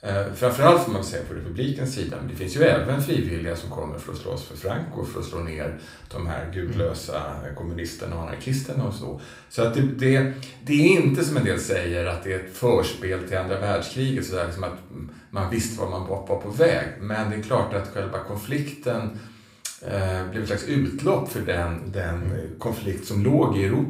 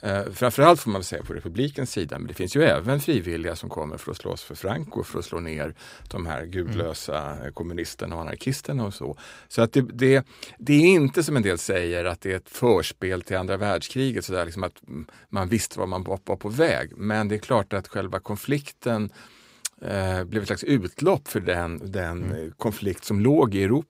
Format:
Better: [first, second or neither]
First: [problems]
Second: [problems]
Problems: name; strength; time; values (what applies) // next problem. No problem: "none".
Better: second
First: room echo; slight; dies away in 0.5 s // off-mic speech; somewhat distant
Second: none